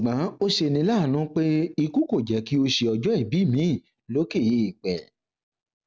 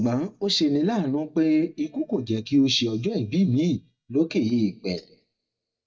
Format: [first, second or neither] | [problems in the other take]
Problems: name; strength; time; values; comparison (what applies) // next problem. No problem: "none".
first | noise reduction (neural mask model DeepFilterNet 3)